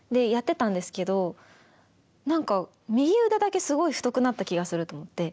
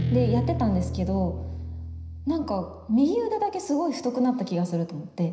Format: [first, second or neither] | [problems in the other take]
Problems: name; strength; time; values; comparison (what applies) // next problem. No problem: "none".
first | background sound (Guitar); 6 dB below the speech // room echo; dies away in 0.9 s